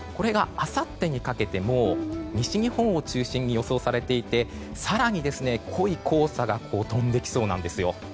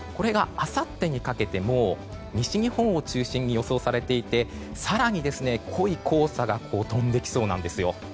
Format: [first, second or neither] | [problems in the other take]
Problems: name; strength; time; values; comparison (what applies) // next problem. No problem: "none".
second | background sound (Guitar); 10 dB below the speech